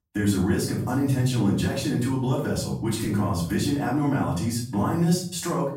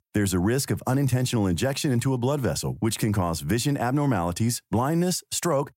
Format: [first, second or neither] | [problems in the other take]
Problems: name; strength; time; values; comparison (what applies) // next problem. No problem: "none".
second | off-mic speech; far // room echo; noticeable; dies away in 0.5 s